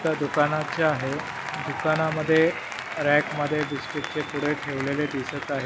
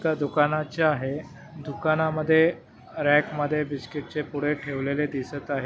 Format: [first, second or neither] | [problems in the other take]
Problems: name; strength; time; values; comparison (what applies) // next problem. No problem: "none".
second | background sound (Applause); 8 dB below the speech